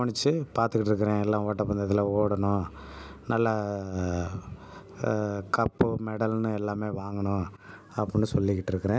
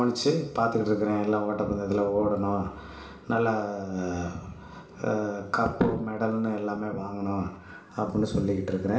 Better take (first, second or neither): first